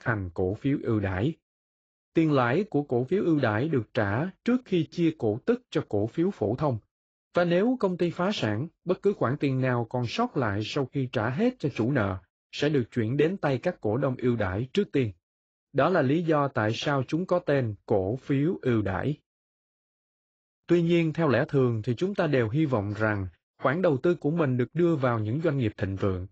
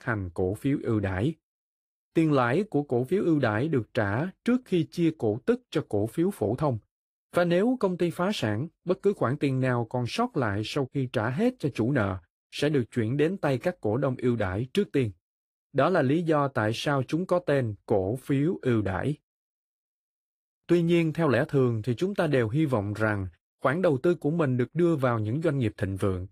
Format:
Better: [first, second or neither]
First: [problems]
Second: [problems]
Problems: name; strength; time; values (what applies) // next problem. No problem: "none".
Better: second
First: garbled, watery; badly; nothing above 7.5 kHz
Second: garbled, watery; slightly; nothing above 15.5 kHz